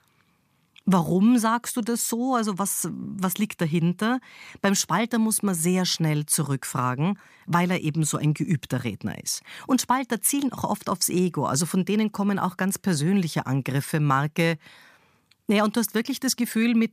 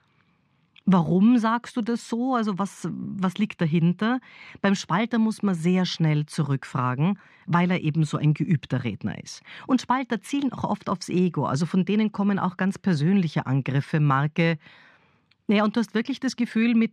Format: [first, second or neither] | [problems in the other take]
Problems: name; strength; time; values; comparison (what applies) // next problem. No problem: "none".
first | muffled; slightly; fading above 3 kHz